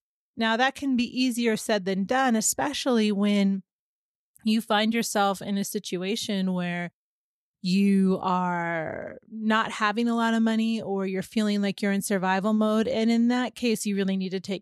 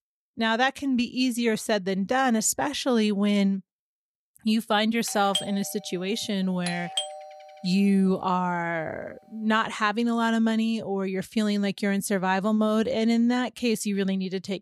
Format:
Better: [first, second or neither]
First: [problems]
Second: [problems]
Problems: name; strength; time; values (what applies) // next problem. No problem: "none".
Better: first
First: none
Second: doorbell; noticeable; from 5 to 7 s; peak 4 dB below the speech